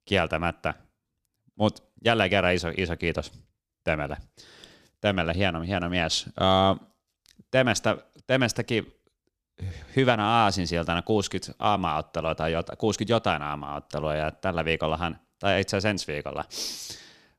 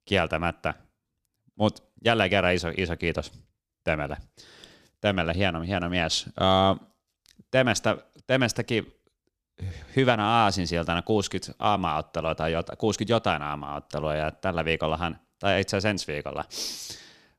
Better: neither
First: none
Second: none

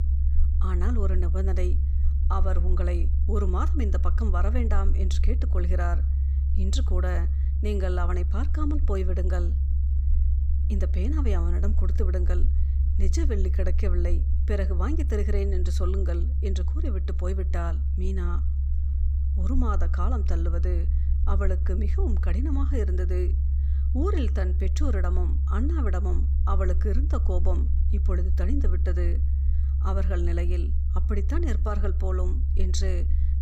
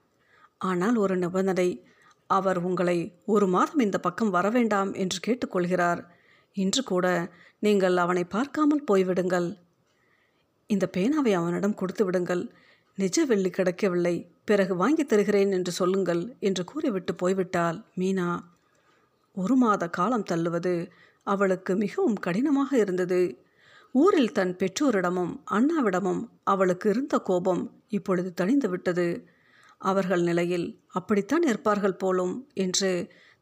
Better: second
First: low rumble; loud; throughout; 9 dB below the speech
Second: none

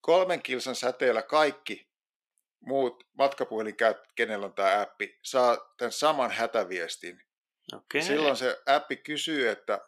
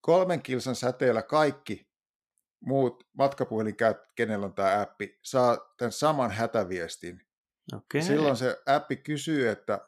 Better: second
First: thin; very slightly; fading below 350 Hz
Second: none

